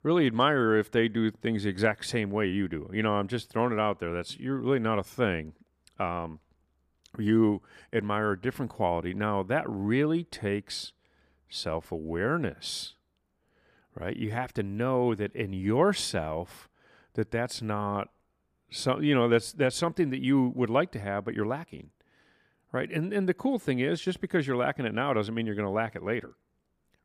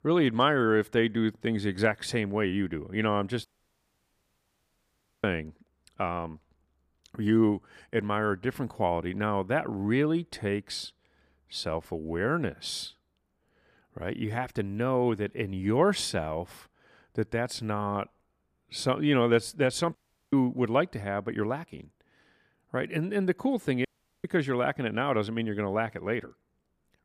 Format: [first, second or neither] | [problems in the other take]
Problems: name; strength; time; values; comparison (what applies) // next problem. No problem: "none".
first | audio cutting out; at 3.5 s for 2 s, at 20 s and at 24 s